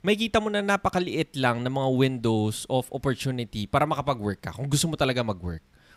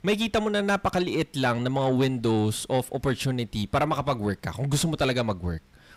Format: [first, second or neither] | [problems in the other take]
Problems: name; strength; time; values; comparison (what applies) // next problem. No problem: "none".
first | distortion; slight; 10 dB below the speech